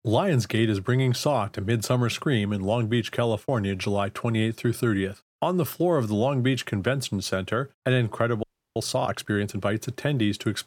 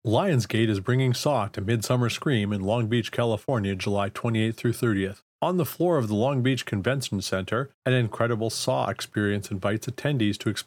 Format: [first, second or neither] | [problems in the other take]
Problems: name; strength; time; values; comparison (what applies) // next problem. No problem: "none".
second | audio freezing; at 8.5 s